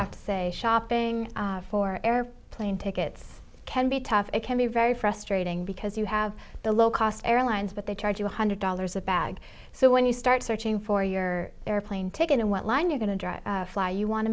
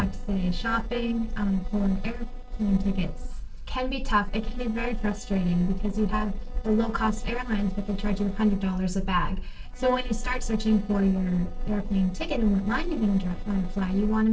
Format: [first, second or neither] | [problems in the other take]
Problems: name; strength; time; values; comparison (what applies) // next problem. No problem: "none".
first | noise reduction (neural separator model SepFormer DNS4)